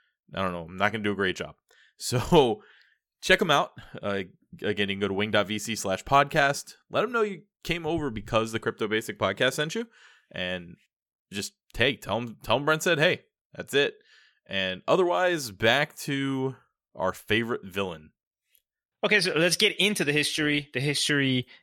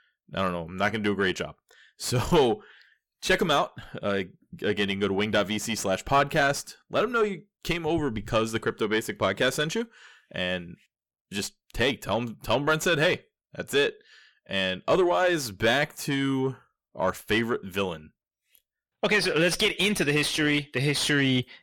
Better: first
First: none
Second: distortion; slight; 10 dB below the speech

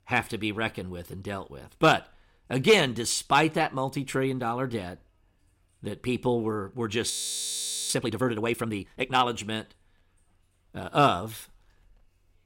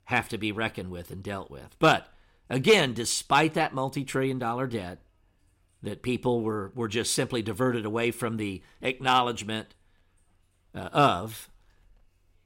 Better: second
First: audio freezing; at 7 s for 1 s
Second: none

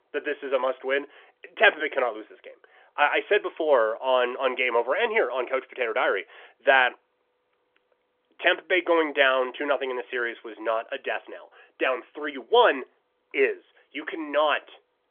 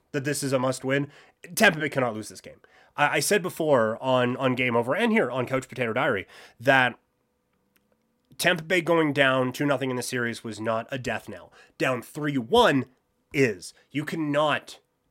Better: second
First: phone-call audio; nothing above 3.5 kHz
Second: none

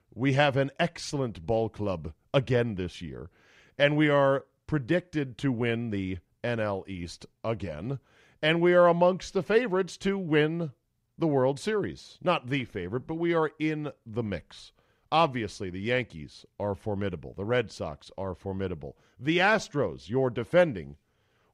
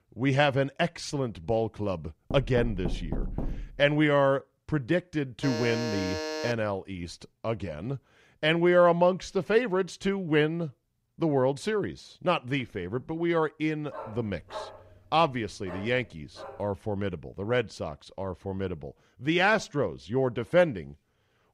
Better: first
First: none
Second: door banging; noticeable; from 2.5 to 4 s; peak 7 dB below the speech // alarm; noticeable; from 5.5 to 6.5 s; peak 5 dB below the speech // dog barking; faint; from 14 to 17 s; peak 15 dB below the speech

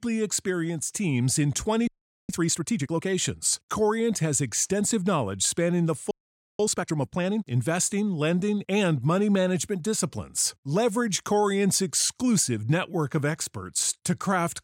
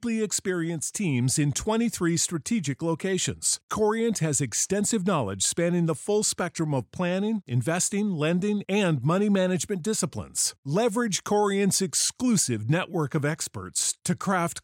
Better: second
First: audio freezing; at 2 s and at 6 s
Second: none

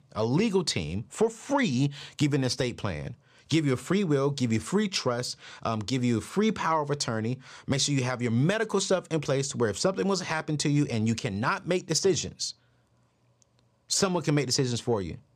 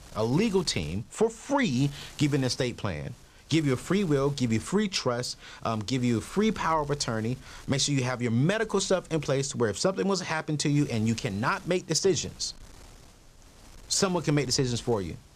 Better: first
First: none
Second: wind noise on the microphone; occasional gusts; 25 dB below the speech

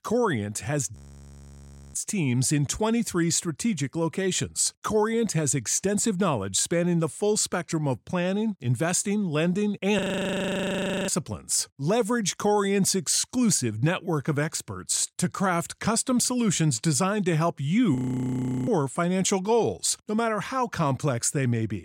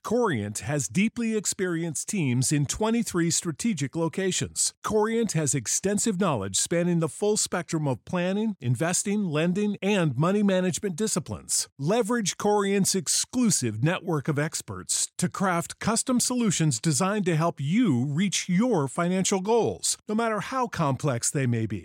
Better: second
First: audio freezing; at 1 s for 1 s, at 10 s for 1 s and at 18 s for 0.5 s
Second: none

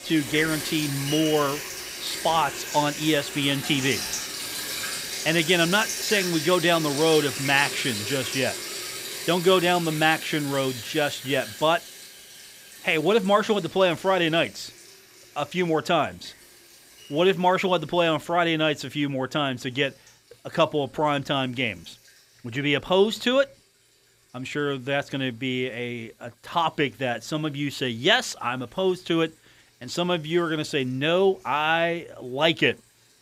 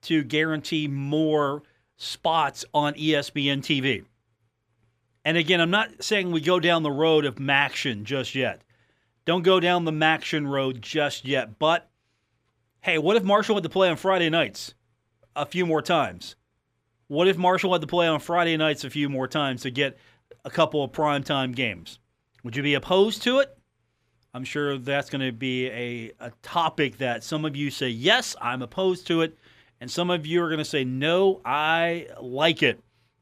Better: second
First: household noises; loud; throughout; 7 dB below the speech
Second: none

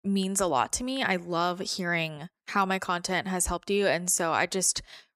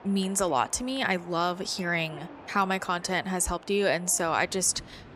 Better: first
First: none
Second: train or aircraft noise; faint; throughout; 20 dB below the speech

